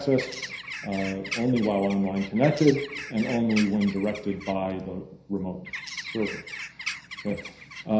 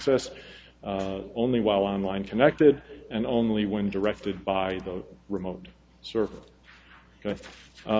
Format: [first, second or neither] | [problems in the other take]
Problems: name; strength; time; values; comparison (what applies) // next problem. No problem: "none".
second | background sound (Bird); 11 dB below the speech // room echo; dies away in 0.5 s